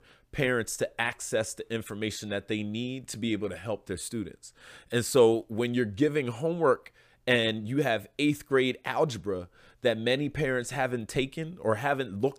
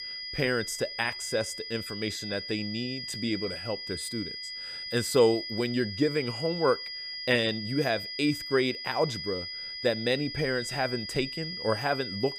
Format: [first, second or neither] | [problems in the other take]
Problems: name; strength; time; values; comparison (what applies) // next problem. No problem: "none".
first | high-pitched whine; loud; throughout; 5 kHz, 6 dB below the speech